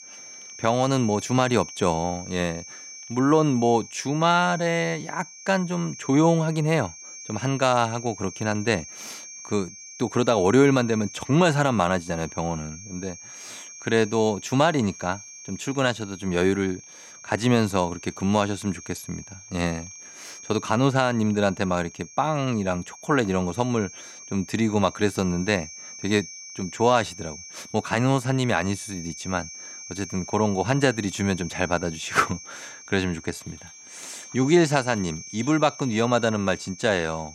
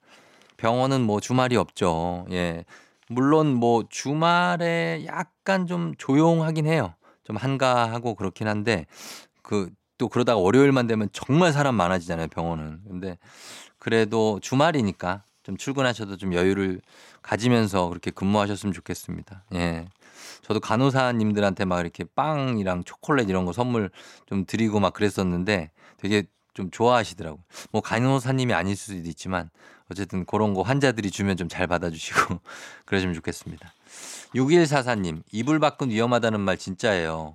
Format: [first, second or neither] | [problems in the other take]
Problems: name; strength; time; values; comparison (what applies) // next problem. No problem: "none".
second | high-pitched whine; noticeable; throughout; 6 kHz, 15 dB below the speech